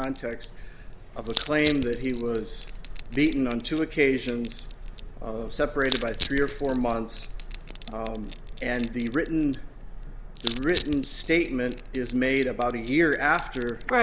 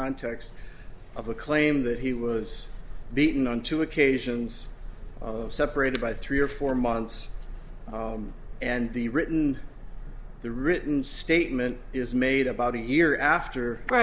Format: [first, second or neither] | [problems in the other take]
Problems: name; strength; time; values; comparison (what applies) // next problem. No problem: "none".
second | background sound (Crushing); 15 dB below the speech